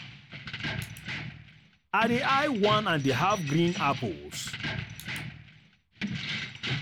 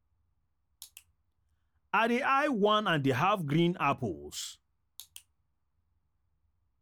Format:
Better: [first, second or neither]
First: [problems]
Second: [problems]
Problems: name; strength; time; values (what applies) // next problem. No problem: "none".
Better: second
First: background sound (Keys jangling); 6 dB below the speech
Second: none